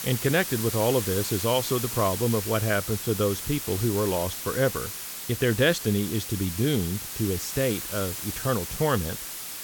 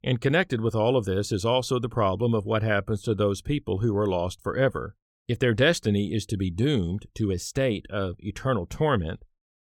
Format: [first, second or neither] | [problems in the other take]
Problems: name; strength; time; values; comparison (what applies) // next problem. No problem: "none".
second | hiss; loud; throughout; 5 dB below the speech